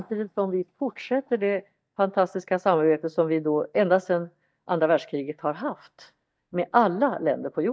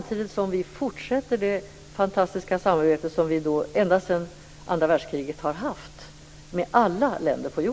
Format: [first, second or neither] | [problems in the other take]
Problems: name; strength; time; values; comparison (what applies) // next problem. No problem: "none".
second | noise reduction (neural mask model DeepFilterNet 3)